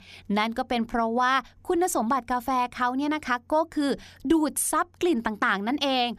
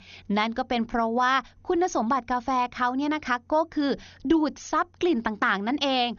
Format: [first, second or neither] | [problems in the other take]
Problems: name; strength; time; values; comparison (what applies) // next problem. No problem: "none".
first | garbled, watery; slightly; nothing above 6.5 kHz